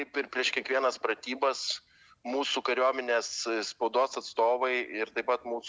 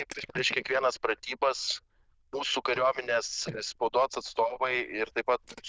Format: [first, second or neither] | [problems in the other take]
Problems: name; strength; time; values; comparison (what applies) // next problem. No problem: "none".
first | noise reduction (neural diffusion model UNIVERSE++)